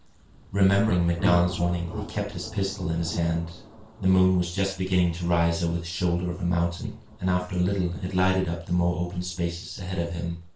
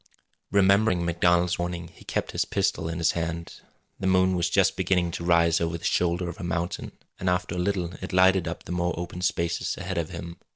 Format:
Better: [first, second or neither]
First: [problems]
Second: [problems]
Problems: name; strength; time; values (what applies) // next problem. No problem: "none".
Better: second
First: background sound (Thunder); 15 dB below the speech // room echo; dies away in 0.3 s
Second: none